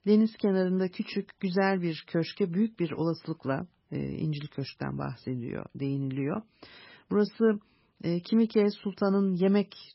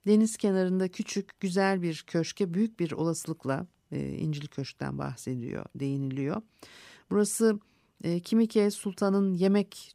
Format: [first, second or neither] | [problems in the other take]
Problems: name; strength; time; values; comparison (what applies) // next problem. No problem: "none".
second | garbled, watery; badly; nothing above 5.5 kHz